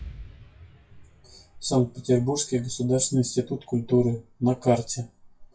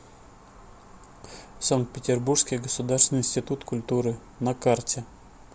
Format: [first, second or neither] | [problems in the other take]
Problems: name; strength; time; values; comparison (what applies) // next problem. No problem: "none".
second | noise reduction (classical method WPE with log-MMSE)